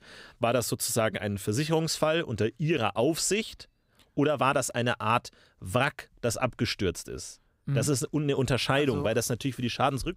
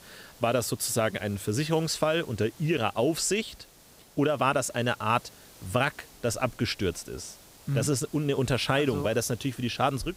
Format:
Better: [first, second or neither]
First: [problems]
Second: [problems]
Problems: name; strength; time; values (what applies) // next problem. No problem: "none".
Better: first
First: none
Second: hiss; faint; throughout; 25 dB below the speech